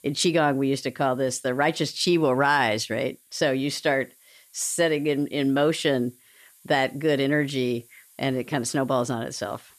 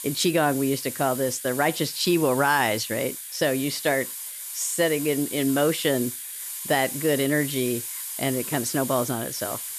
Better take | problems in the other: first | hiss; loud; throughout; 7 dB below the speech; faint in the first

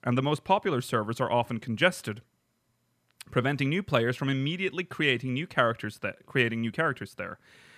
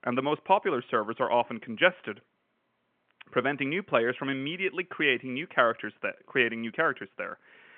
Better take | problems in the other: first | phone-call audio; nothing above 3.5 kHz

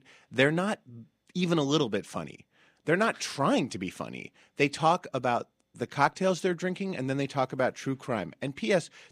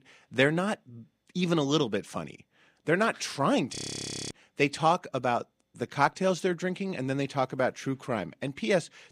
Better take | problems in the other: first | audio freezing; at 4 s for 0.5 s

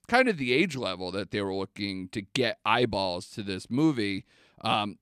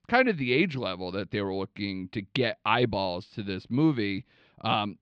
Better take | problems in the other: first | muffled; very slightly; fading above 4 kHz

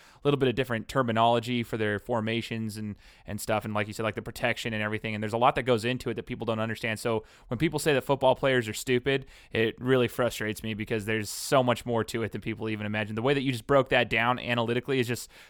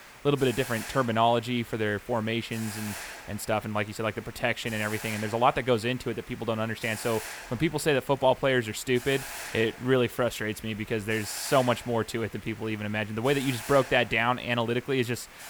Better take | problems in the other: first | hiss; noticeable; throughout; 15 dB below the speech

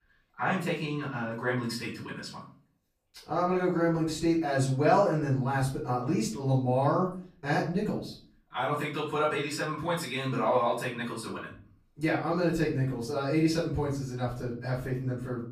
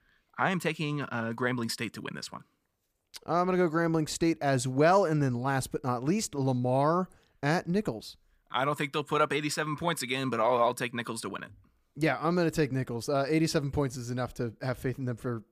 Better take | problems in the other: second | off-mic speech; far // room echo; slight; dies away in 0.4 s

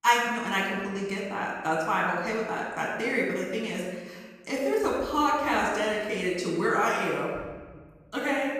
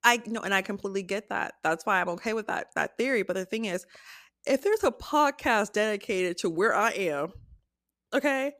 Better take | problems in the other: second | room echo; noticeable; dies away in 1.3 s // off-mic speech; far

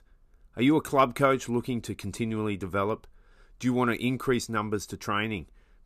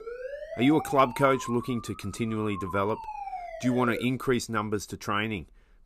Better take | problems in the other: first | siren; noticeable; until 4 s; peak 9 dB below the speech

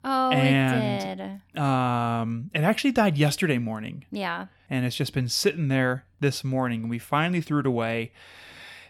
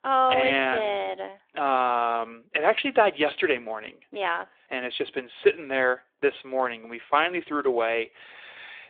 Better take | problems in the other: first | phone-call audio

